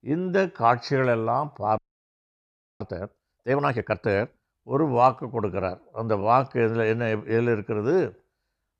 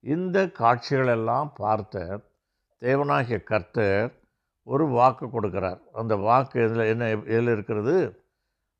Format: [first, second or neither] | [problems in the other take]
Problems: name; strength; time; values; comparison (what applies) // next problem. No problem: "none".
second | audio freezing; at 2 s for 1 s